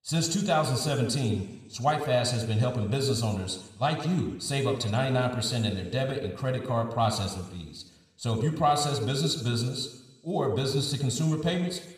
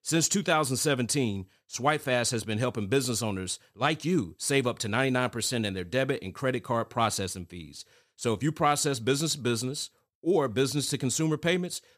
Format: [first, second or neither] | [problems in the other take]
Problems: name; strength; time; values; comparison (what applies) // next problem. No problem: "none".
second | room echo; slight; dies away in 1 s